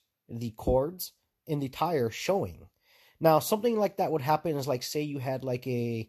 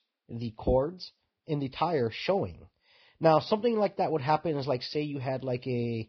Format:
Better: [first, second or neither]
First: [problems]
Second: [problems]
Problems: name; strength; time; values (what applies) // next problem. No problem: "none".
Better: first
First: garbled, watery; slightly; nothing above 13.5 kHz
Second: garbled, watery; badly; nothing above 5 kHz